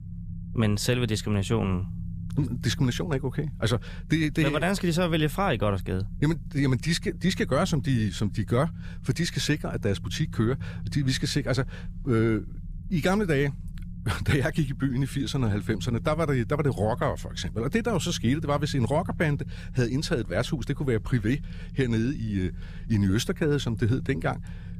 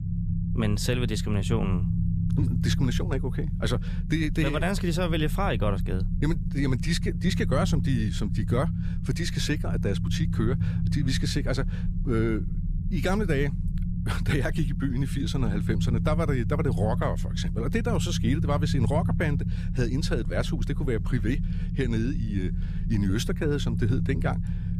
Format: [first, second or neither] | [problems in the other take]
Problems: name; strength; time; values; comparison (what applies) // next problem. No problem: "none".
first | low rumble; loud; throughout; 9 dB below the speech; faint in the first